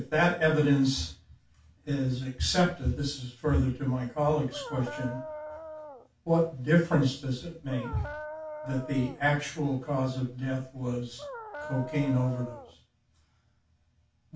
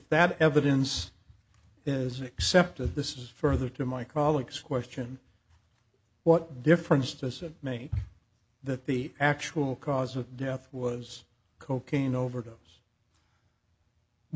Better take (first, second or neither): second